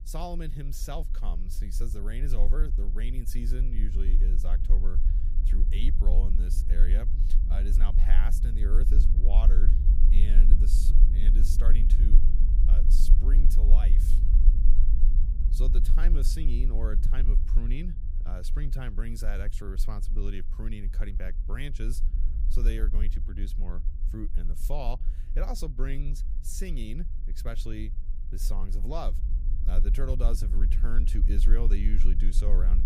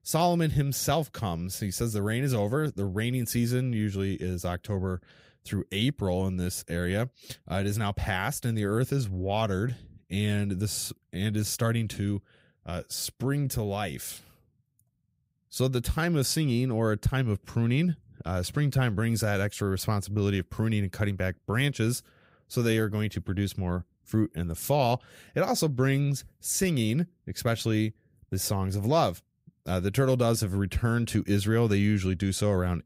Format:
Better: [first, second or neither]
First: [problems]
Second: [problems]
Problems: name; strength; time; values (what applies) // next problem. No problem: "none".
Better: second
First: low rumble; loud; throughout; 8 dB below the speech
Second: none